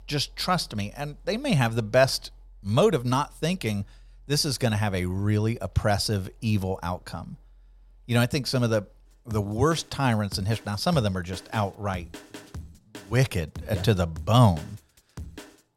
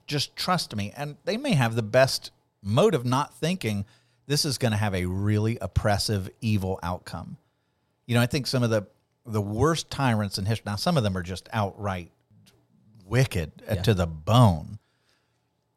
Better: second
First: background music; faint; throughout; 20 dB below the speech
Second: none

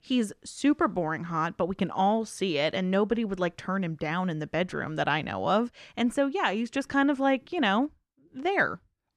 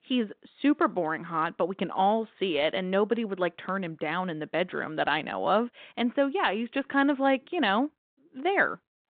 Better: first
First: none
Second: phone-call audio; nothing above 3.5 kHz

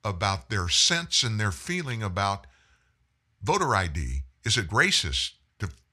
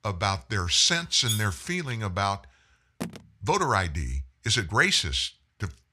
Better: first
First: none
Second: clattering dishes; noticeable; at 1.5 s; peak 5 dB below the speech // phone ringing; faint; at 3 s; peak 15 dB below the speech

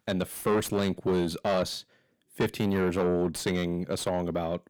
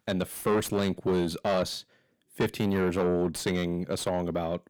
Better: neither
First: distortion; heavy; 8 dB below the speech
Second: distortion; heavy; 8 dB below the speech

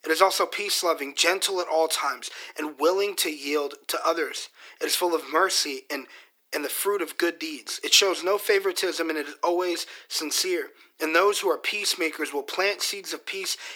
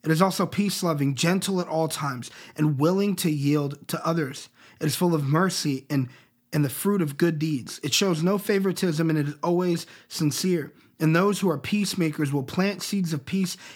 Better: second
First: thin; very; fading below 400 Hz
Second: none

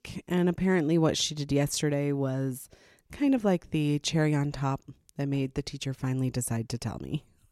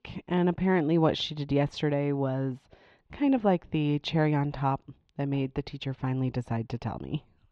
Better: first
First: none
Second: muffled; slightly; fading above 3.5 kHz

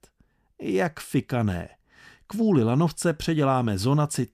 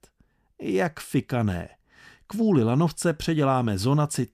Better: neither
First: none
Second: none

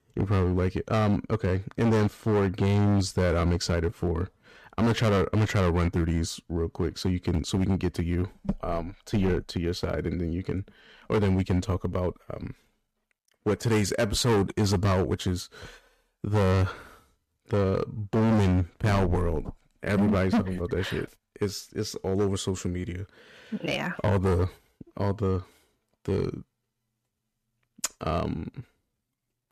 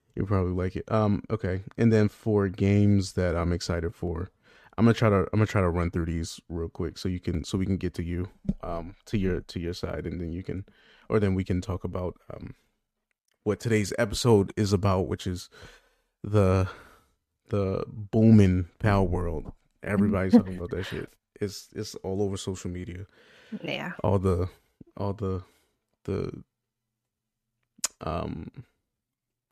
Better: second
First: distortion; heavy; 10% of the sound clipped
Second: none

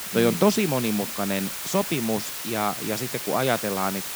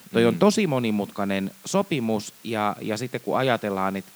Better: second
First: hiss; loud; throughout; 5 dB below the speech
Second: hiss; faint; throughout; 25 dB below the speech

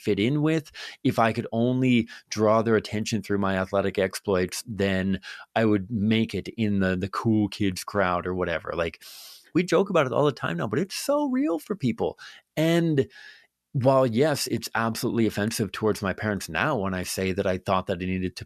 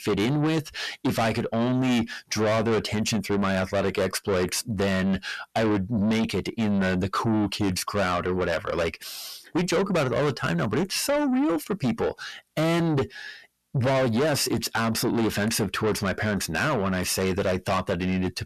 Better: first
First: none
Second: distortion; heavy; 6 dB below the speech

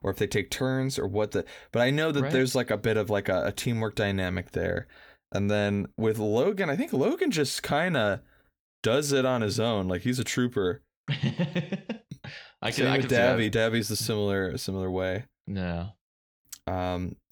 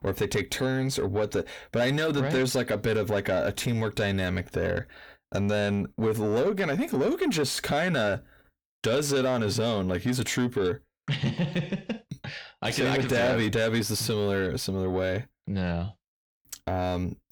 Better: first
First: none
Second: distortion; slight; 10 dB below the speech

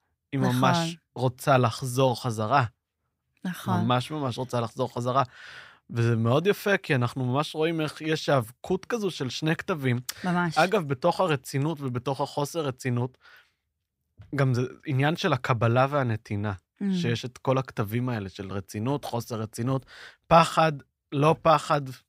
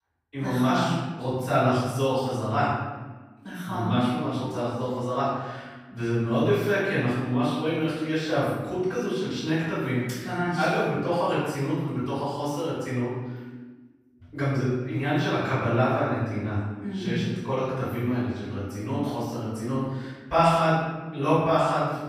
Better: first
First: none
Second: off-mic speech; far // room echo; strong; dies away in 1.2 s

